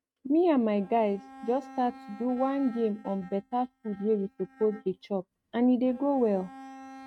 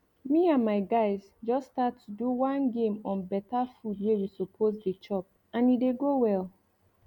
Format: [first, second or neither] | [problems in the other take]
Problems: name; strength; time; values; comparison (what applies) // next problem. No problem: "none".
second | noise reduction (neural mask model RNNoise)